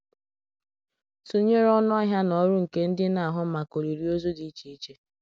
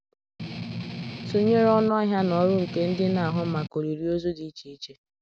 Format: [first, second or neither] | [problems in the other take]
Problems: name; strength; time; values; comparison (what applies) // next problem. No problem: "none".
first | background sound (Strum); 8 dB below the speech